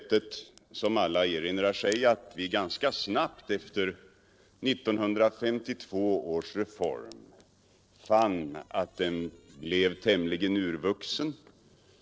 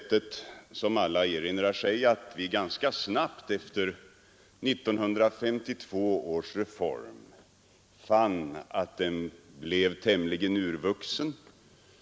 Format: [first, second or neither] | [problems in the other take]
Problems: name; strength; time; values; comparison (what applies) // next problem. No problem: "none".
second | noise reduction (neural separator model SepFormer DNS4)